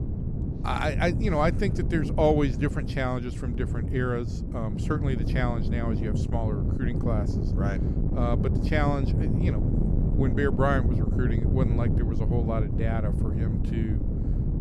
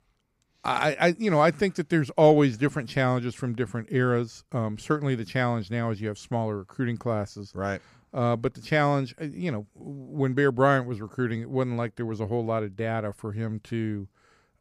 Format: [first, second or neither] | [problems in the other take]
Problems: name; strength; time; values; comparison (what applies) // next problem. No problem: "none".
second | wind noise on the microphone; heavy; 7 dB below the speech